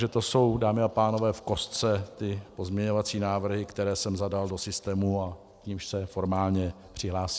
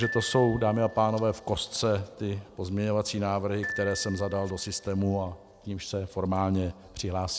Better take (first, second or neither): first